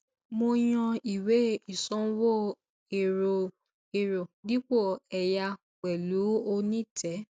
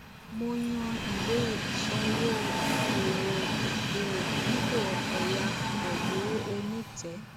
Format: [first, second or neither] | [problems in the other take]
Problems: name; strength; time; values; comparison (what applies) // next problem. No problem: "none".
first | background sound (Train); 3 dB above the speech